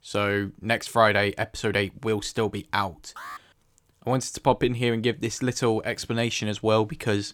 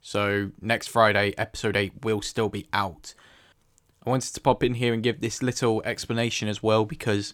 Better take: second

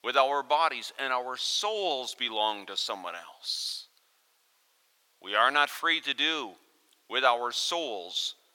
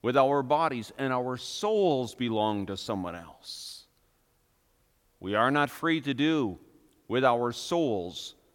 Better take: second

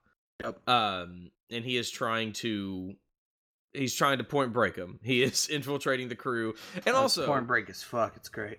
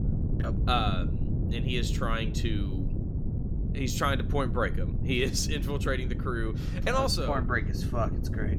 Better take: first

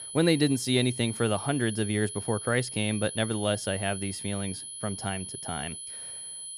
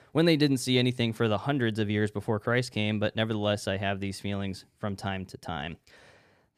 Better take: second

